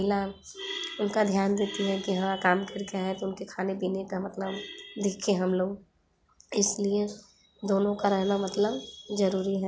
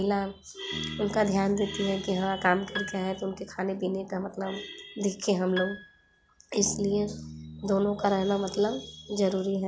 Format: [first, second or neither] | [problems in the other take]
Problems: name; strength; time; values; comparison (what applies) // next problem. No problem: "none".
first | background sound (Piano + Bass guitar); 14 dB below the speech